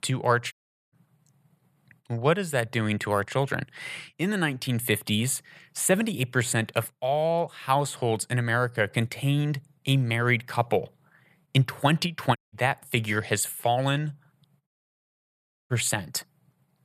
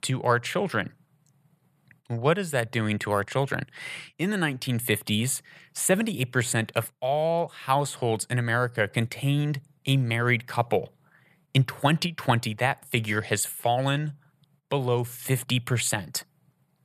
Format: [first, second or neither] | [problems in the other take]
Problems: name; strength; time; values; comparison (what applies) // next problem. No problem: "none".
second | audio cutting out; at 0.5 s, at 12 s and at 15 s for 1 s